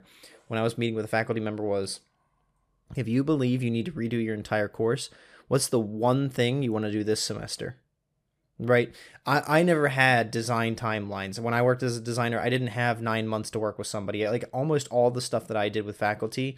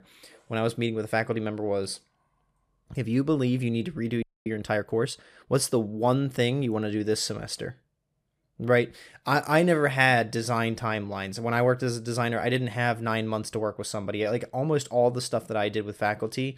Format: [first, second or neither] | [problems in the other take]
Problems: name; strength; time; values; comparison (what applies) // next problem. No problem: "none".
first | audio freezing; at 4 s